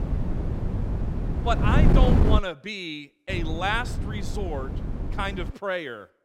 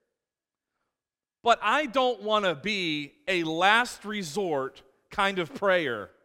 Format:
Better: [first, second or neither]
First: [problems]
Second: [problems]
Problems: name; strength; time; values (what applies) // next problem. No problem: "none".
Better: second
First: wind noise on the microphone; heavy; until 2.5 s and from 3.5 to 5.5 s; 5 dB below the speech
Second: none